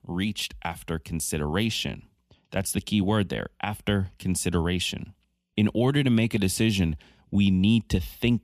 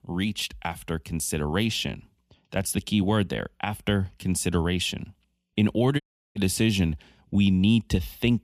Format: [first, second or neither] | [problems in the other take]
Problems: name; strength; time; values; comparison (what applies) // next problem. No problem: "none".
first | audio cutting out; at 6 s